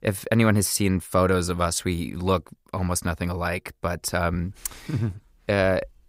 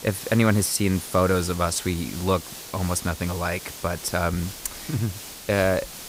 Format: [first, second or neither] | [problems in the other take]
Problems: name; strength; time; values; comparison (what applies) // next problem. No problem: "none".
first | hiss; noticeable; throughout; 10 dB below the speech